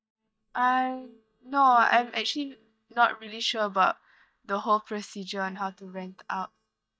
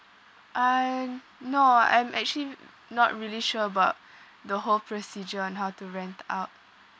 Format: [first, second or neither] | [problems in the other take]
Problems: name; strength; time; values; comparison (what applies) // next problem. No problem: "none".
second | noise reduction (neural mask model DeepFilterNet 3)